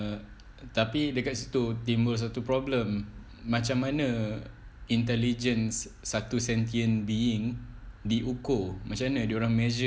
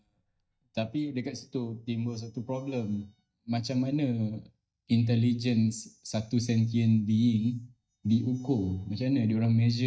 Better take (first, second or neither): first